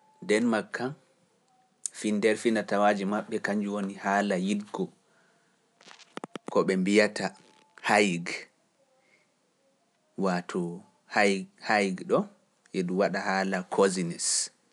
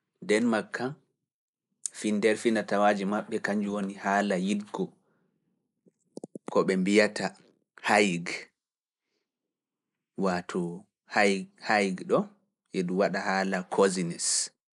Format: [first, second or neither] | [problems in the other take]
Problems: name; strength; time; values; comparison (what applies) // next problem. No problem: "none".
first | noise reduction (neural mask model Resemble Enhance denoiser)